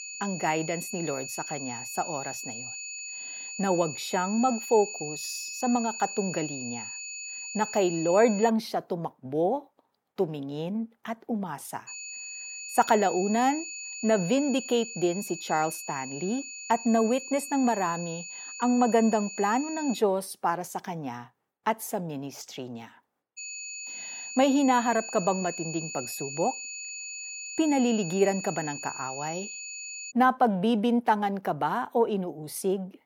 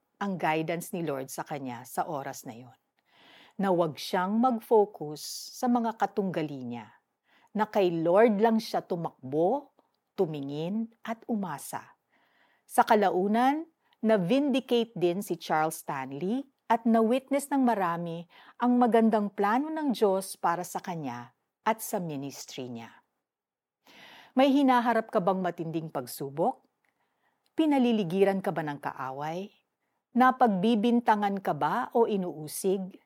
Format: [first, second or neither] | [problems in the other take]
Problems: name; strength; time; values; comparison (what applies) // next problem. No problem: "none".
second | high-pitched whine; loud; until 8.5 s, from 12 to 20 s and from 23 to 30 s; 7 kHz, 8 dB below the speech